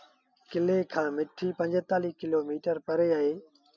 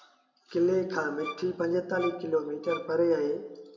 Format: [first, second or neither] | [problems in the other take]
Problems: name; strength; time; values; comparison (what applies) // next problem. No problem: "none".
first | background sound (Bowed string instrument); 13 dB below the speech // room echo; dies away in 0.6 s